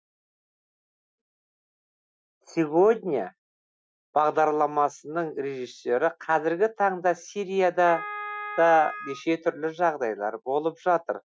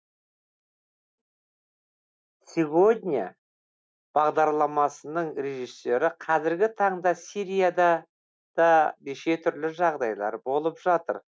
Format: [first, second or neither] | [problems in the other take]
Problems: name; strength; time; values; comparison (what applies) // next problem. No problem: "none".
second | noise reduction (classical method Wiener filter)